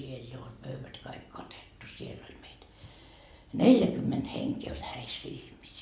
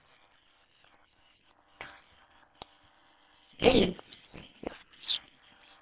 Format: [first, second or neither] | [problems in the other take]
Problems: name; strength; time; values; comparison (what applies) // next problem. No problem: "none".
first | noise reduction (neural separator model SepFormer WHAM!)